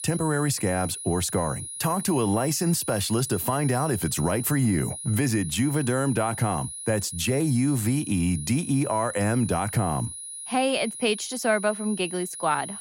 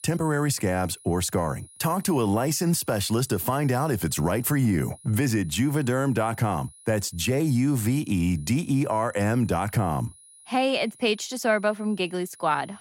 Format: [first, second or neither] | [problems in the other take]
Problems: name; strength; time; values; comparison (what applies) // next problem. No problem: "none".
second | high-pitched whine; loud; throughout; 10.5 kHz, 9 dB below the speech; faint in the second